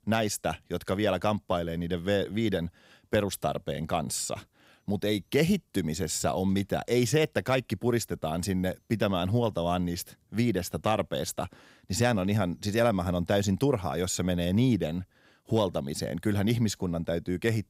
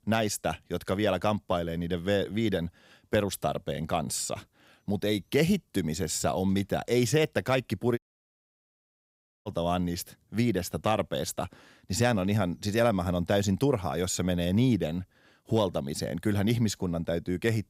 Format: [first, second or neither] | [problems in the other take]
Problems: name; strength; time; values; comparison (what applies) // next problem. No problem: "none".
first | audio cutting out; at 8 s for 1.5 s